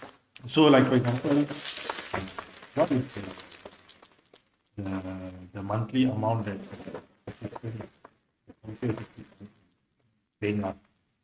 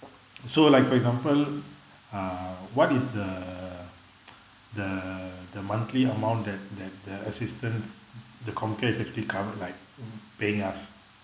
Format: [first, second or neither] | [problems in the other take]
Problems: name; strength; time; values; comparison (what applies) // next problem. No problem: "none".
second | noise reduction (neural mask model RNNoise)